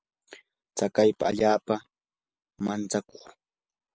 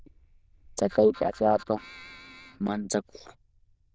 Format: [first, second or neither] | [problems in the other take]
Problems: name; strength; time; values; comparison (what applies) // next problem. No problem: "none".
first | noise reduction (neural diffusion model UNIVERSE++)